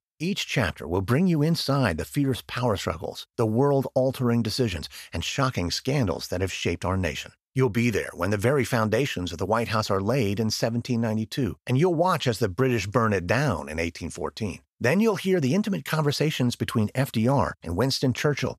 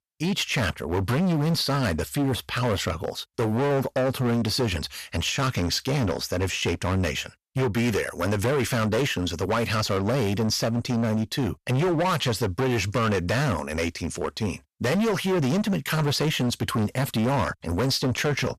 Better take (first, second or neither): first